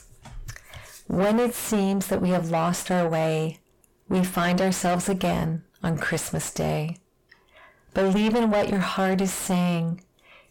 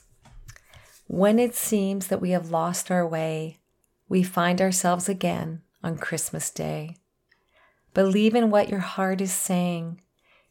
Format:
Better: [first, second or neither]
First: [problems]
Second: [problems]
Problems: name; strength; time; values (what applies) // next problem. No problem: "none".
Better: second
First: distortion; heavy; 5 dB below the speech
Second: none